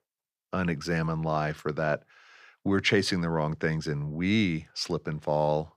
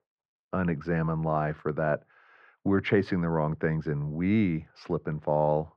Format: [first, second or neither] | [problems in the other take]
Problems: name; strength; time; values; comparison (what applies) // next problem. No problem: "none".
first | muffled; very; fading above 4 kHz